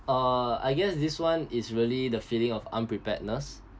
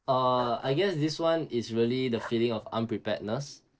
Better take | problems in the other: first | noise reduction (neural separator model SepFormer DNS4)

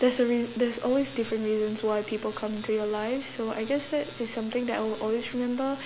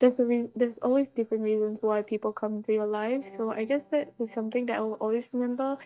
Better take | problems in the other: first | noise reduction (neural mask model DeepFilterNet 3)

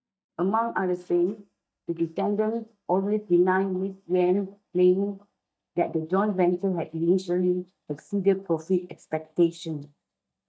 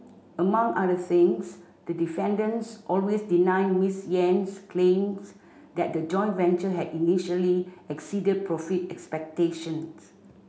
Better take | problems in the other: second | noise reduction (neural mask model DeepFilterNet 3)

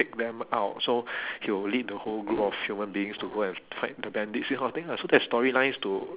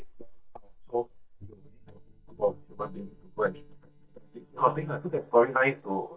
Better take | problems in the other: first | noise reduction (neural mask model DeepFilterNet 3)

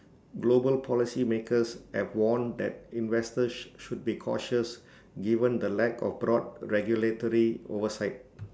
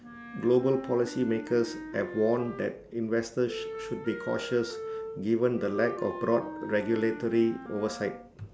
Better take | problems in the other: first | background sound (Wind instrument, woodwind instrument); 11 dB below the speech

